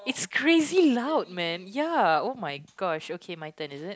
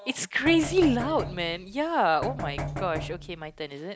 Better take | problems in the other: first | background sound (Knock); 9 dB below the speech

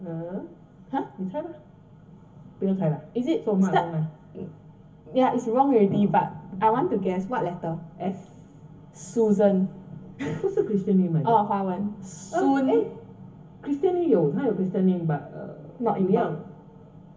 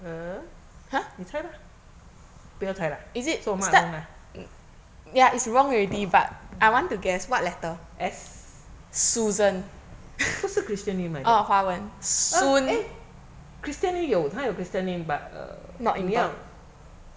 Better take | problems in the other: second | room echo; dies away in 0.3 s

